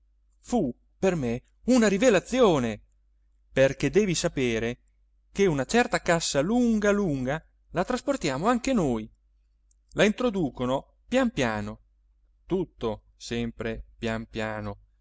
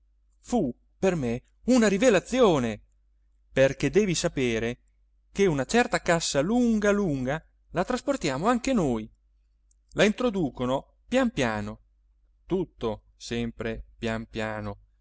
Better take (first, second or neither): first